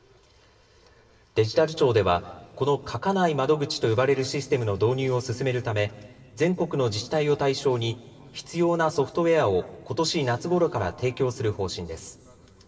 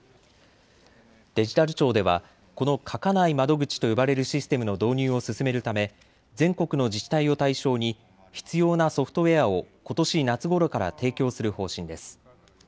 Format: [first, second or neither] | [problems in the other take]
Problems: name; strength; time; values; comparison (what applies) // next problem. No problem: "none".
second | room echo; dies away in 2.8 s